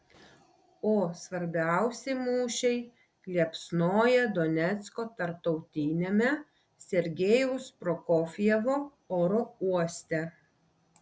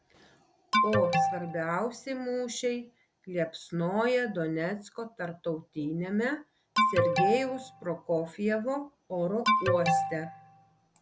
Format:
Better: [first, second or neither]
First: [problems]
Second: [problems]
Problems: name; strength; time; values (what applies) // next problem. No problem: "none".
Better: first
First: none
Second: background sound (Alarm); 3 dB above the speech